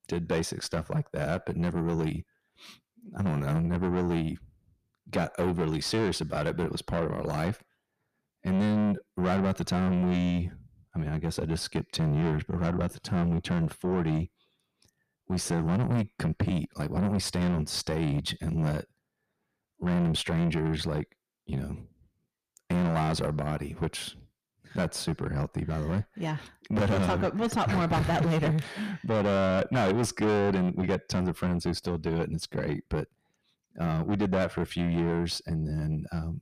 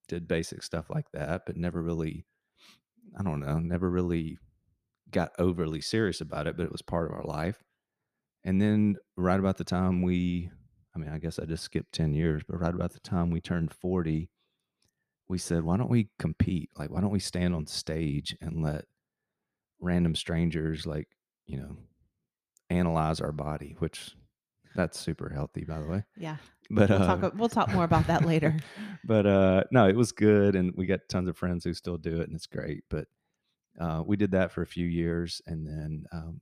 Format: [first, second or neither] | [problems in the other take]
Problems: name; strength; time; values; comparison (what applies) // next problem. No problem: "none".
second | distortion; heavy; 6 dB below the speech